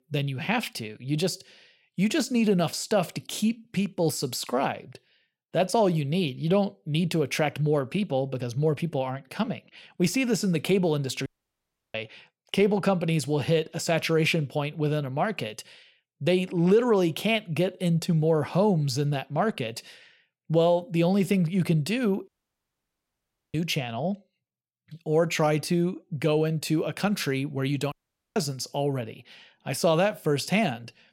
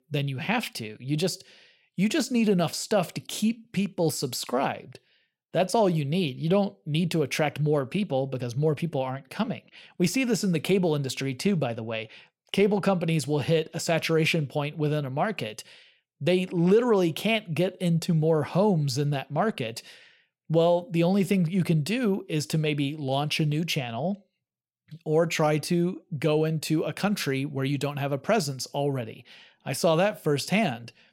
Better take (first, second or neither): second